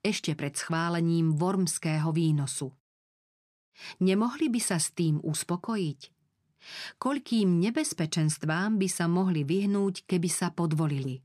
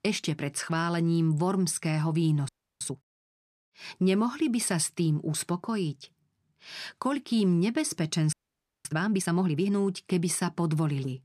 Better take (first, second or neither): first